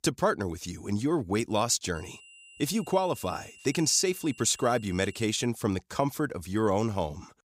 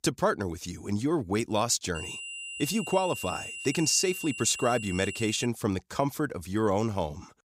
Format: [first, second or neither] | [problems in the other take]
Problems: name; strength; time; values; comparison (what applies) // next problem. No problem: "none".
first | high-pitched whine; loud; from 2 to 5.5 s; 3 kHz, 8 dB below the speech; faint in the first